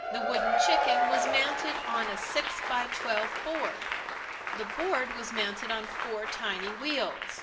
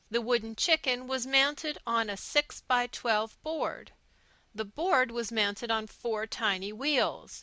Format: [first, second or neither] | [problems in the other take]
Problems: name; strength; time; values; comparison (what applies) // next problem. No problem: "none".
second | background sound (Applause / Crowd / Cheering); 2 dB above the speech // room echo; dies away in 0.6 s